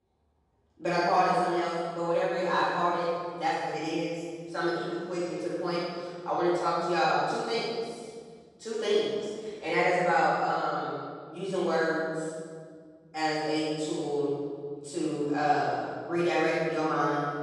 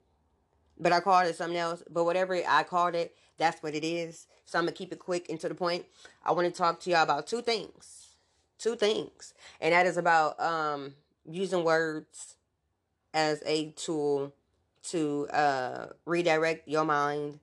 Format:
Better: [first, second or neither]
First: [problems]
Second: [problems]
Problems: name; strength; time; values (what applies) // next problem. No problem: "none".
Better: second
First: off-mic speech; far // room echo; strong; dies away in 1.8 s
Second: none